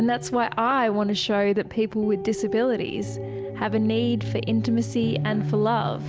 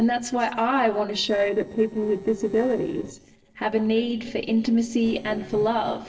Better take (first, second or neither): first